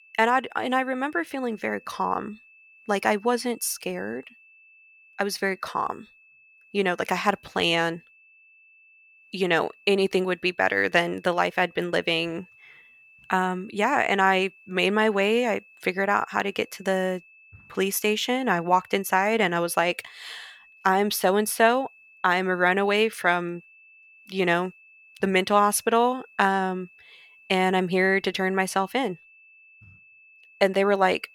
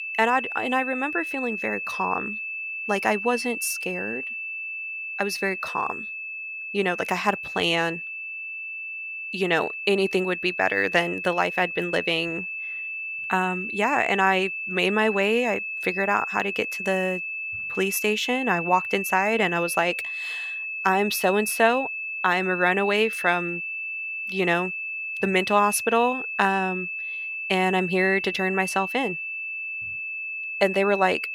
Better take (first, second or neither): first